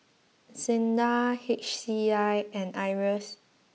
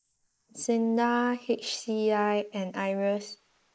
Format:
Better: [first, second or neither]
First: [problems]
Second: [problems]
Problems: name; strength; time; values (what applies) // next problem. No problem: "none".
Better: first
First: none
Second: noise reduction (neural mask model Resemble Enhance denoiser)